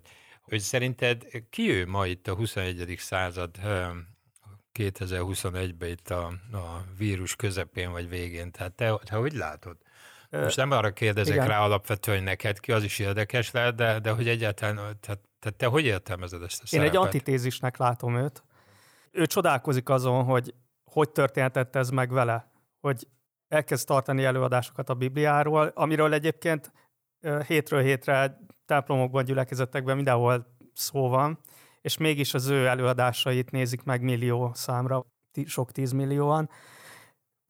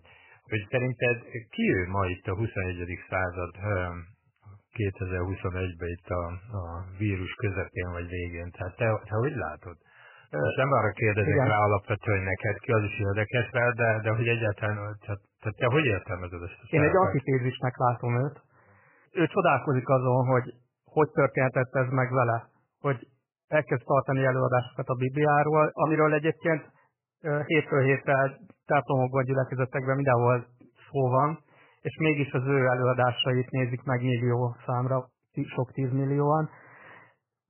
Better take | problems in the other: first | garbled, watery; badly; nothing above 3 kHz

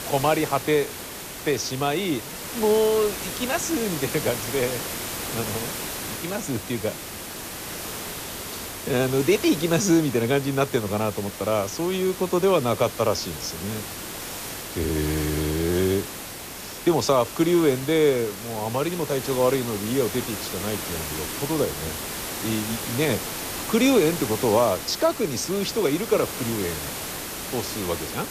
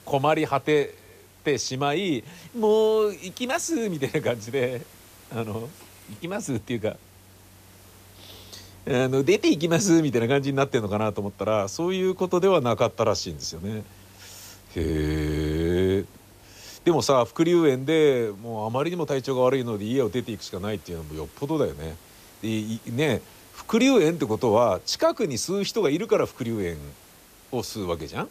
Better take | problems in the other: second | hiss; loud; throughout; 7 dB below the speech; faint in the second

